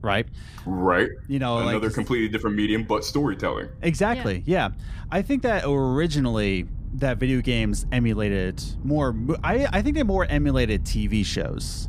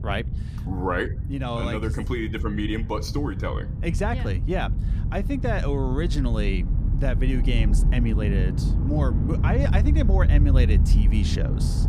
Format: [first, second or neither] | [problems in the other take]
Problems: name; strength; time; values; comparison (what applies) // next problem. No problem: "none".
first | low rumble; loud; throughout; 8 dB below the speech; faint in the first